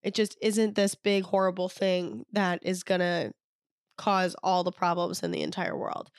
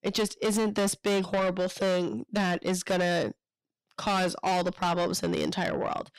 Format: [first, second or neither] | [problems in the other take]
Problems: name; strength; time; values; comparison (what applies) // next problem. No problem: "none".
first | distortion; heavy; 7 dB below the speech